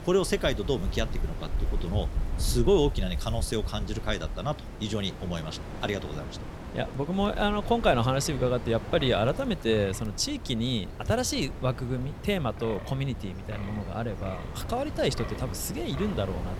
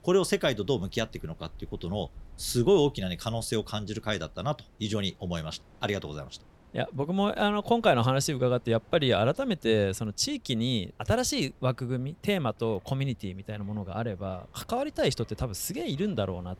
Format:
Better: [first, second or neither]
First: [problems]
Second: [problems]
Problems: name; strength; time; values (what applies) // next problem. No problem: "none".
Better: second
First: wind in the background; loud; throughout; 8 dB below the speech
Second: wind in the background; faint; throughout; 25 dB below the speech